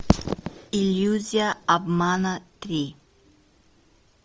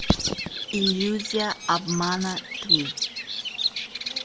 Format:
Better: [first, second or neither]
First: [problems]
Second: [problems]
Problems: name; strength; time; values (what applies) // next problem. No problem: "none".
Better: first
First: none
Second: background sound (Bird vocalization, bird call, bird song); 1 dB below the speech